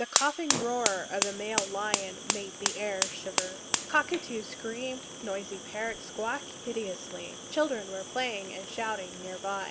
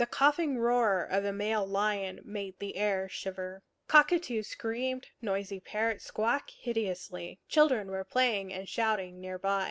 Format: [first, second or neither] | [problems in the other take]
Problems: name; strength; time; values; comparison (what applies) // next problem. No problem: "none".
second | background sound (Fire); 1 dB below the speech